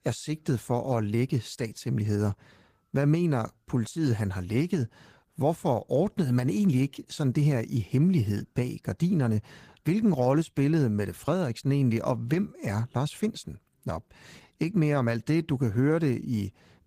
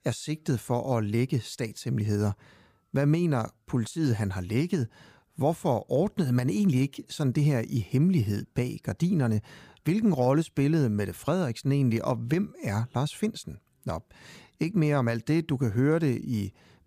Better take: second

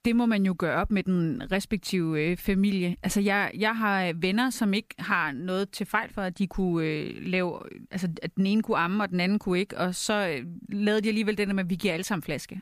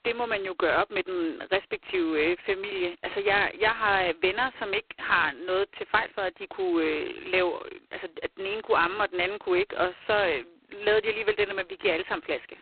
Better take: first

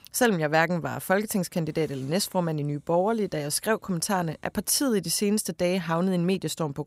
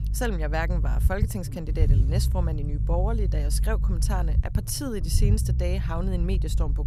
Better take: first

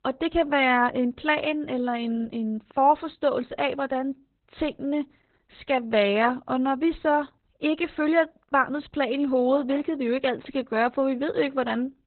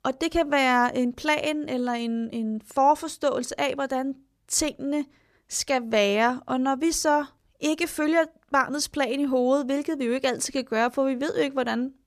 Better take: second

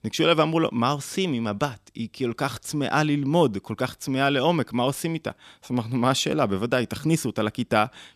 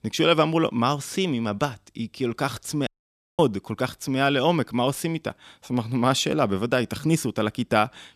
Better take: first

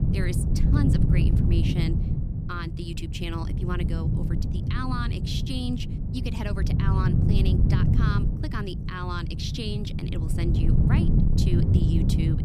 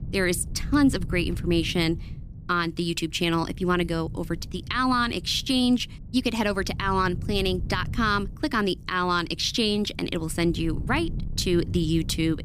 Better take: second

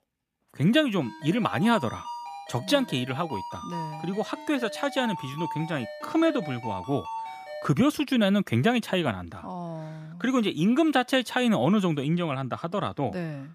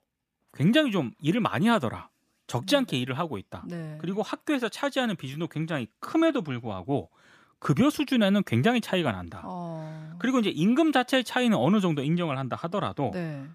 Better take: second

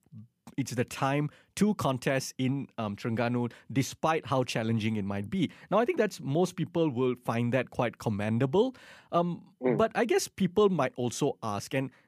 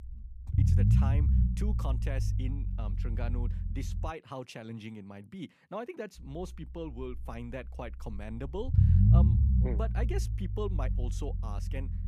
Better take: first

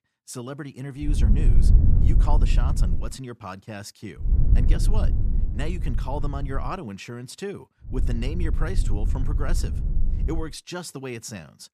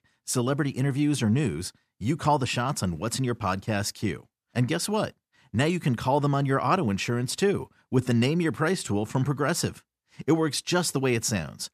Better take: second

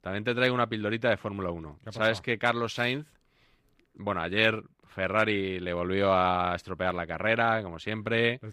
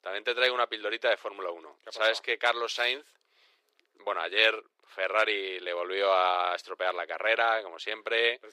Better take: first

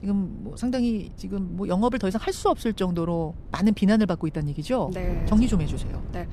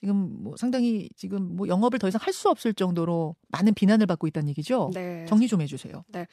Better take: second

